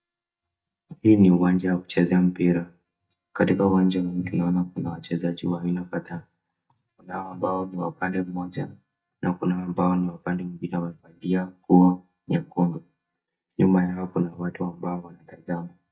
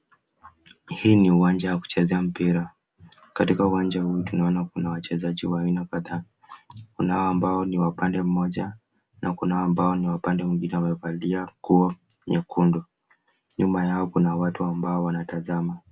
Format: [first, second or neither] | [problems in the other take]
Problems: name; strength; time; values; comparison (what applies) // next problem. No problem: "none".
second | noise reduction (neural mask model DeepFilterNet 3)